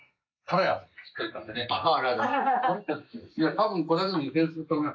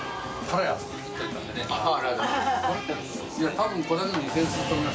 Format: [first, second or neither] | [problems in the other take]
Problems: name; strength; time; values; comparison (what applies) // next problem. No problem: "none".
second | noise reduction (neural mask model Resemble Enhance denoiser)